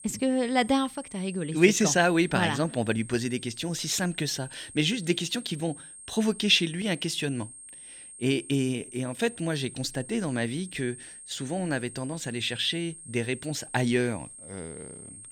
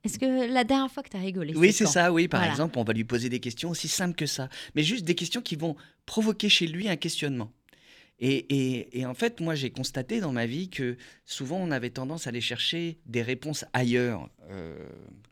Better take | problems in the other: second | high-pitched whine; noticeable; throughout; 8.5 kHz, 15 dB below the speech

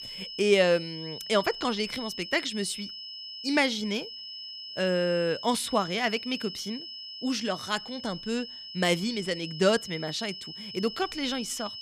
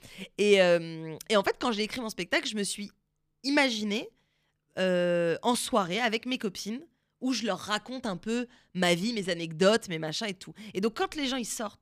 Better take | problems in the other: second | high-pitched whine; loud; throughout; 5 kHz, 10 dB below the speech

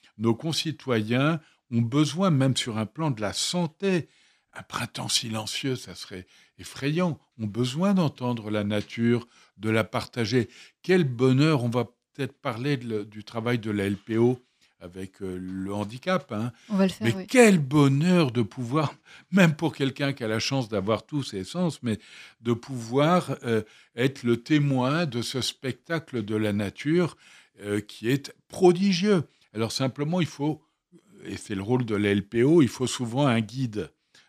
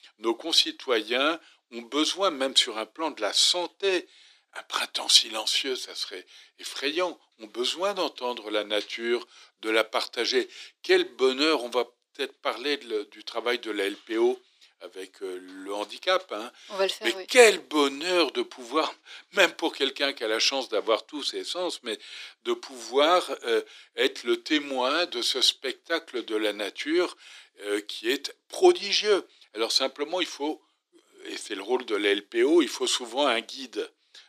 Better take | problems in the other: first | thin; very; fading below 350 Hz

